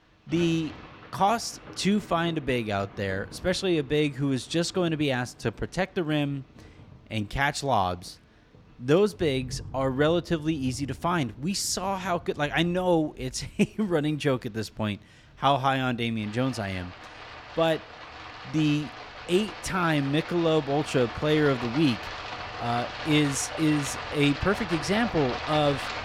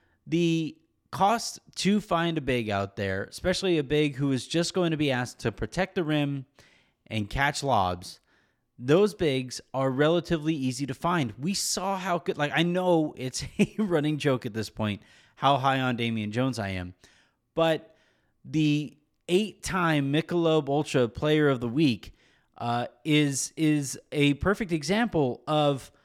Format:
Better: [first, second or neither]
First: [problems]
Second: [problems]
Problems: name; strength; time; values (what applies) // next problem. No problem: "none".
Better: second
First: rain or running water; noticeable; throughout; 10 dB below the speech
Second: none